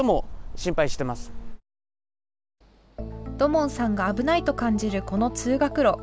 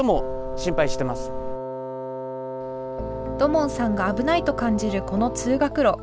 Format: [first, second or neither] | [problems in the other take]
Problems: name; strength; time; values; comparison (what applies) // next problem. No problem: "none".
first | background sound (Wind instrument, woodwind instrument); 8 dB below the speech